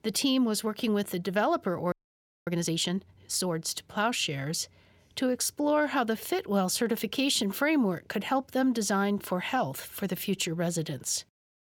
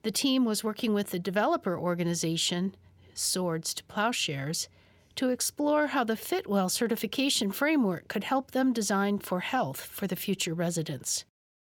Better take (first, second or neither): second